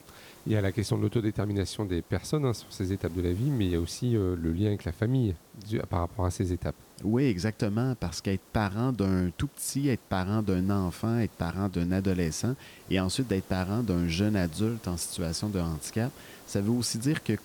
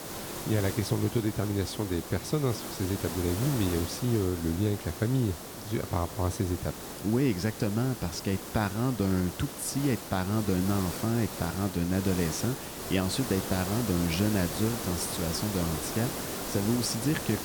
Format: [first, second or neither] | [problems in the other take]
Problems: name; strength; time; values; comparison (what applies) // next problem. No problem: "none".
first | hiss; loud; throughout; 6 dB below the speech; faint in the first